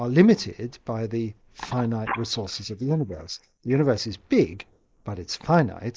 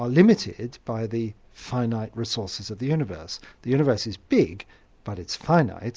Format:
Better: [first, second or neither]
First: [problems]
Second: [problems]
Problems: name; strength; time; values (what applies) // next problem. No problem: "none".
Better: second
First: noise reduction (neural mask model Resemble Enhance denoiser)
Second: none